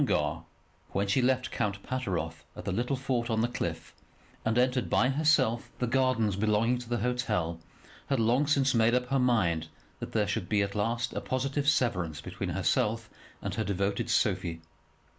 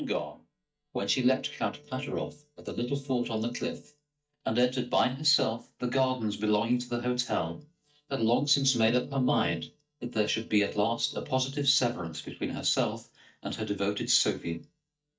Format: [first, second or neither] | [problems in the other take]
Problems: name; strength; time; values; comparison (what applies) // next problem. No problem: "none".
first | noise reduction (neural mask model DeepFilterNet 3)